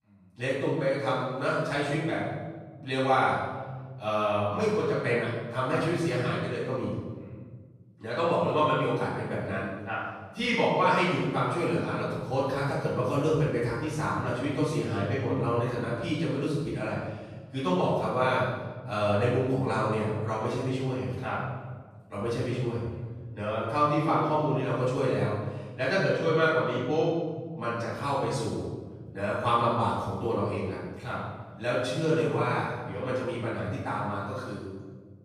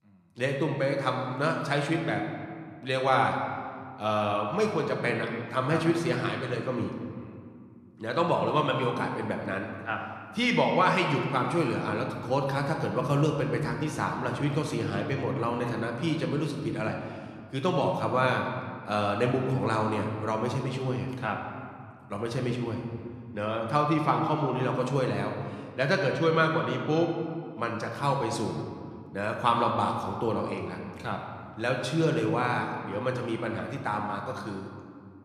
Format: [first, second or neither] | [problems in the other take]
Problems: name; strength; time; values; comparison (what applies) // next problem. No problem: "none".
second | room echo; strong; dies away in 1.4 s; slight in the second // off-mic speech; far